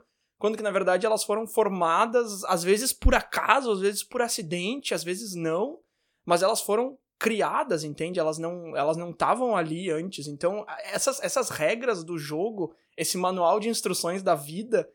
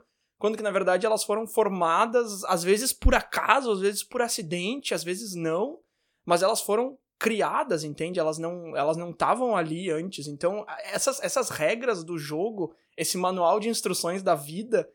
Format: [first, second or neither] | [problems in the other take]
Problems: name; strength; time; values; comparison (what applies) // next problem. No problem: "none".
neither | none